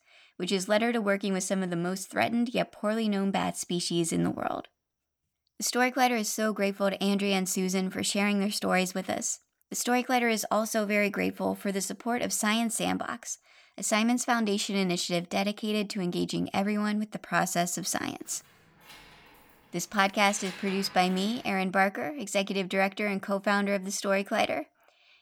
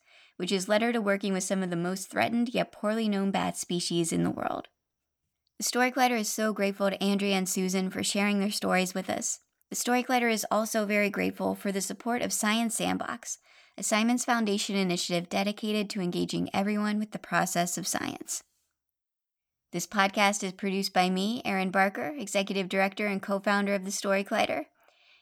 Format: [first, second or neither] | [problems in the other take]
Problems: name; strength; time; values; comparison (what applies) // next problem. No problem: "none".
second | jangling keys; faint; from 18 to 21 s; peak 10 dB below the speech